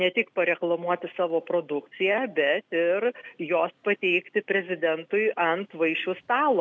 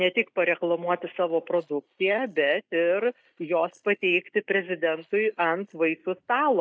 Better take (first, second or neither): first